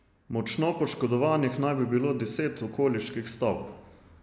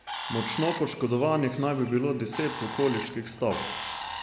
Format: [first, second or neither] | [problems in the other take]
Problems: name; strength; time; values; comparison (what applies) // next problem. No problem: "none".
first | background sound (Bird); 9 dB below the speech